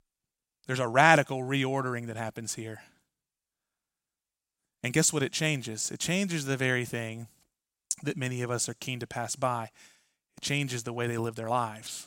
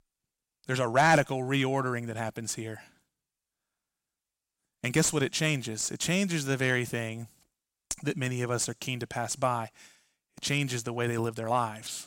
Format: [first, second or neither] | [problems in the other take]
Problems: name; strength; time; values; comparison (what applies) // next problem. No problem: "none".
first | distortion; slight; 10 dB below the speech